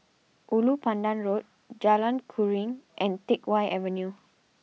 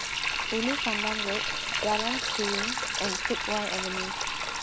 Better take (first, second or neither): first